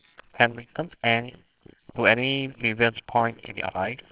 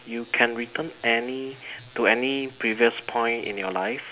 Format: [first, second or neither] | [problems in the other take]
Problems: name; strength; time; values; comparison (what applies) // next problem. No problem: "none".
second | noise reduction (neural separator model SepFormer WHAMR!)